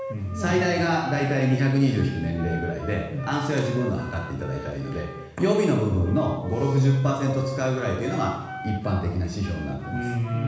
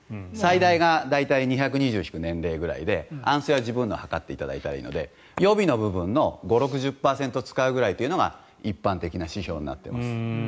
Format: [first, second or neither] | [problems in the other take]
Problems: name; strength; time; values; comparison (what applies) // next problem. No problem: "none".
second | background sound (Wind instrument, woodwind instrument); 14 dB below the speech // room echo; dies away in 1.1 s